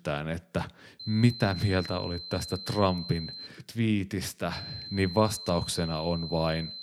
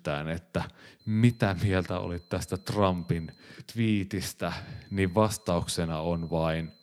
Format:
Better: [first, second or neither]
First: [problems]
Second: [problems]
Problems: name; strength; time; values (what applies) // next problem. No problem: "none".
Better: second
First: high-pitched whine; loud; from 1 to 3.5 s and from 4.5 s on; 4 kHz, 9 dB below the speech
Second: high-pitched whine; faint; from 1 to 3.5 s and from 4.5 s on; 4 kHz, 30 dB below the speech